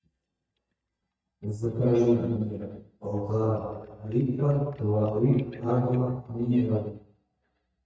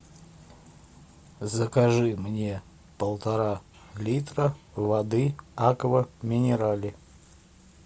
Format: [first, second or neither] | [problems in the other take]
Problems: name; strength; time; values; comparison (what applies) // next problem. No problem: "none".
second | noise reduction (neural mask model DeepFilterNet 3)